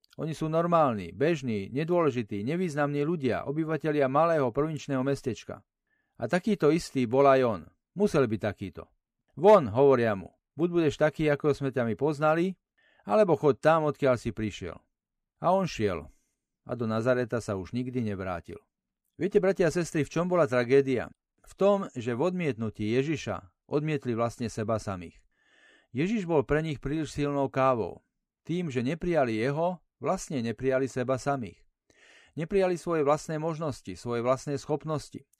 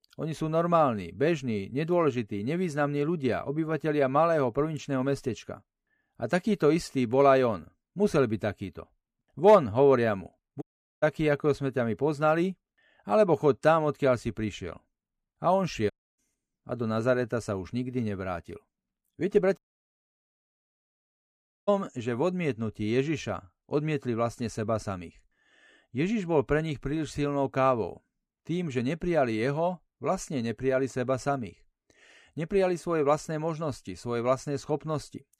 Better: first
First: none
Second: audio cutting out; at 11 s, at 16 s and at 20 s for 2 s

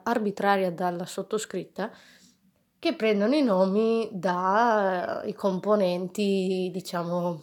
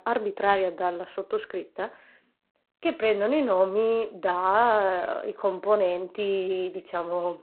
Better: first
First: none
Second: phone-call audio; poor line

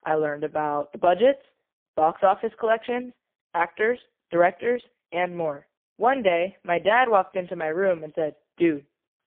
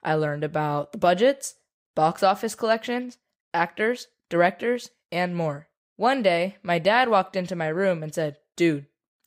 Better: second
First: phone-call audio; poor line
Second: none

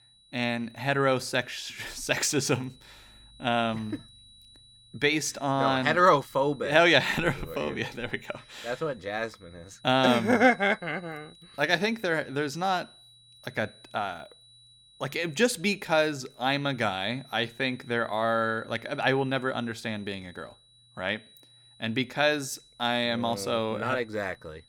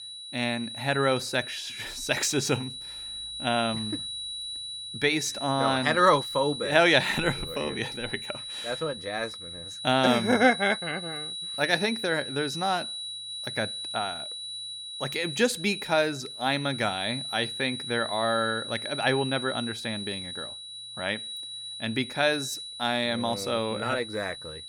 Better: first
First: high-pitched whine; faint; throughout; 4 kHz, 25 dB below the speech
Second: high-pitched whine; loud; throughout; 4 kHz, 7 dB below the speech

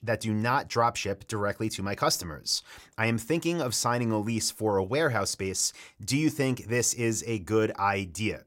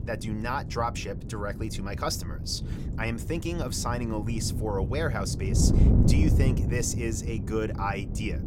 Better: first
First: none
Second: wind noise on the microphone; heavy; 7 dB below the speech

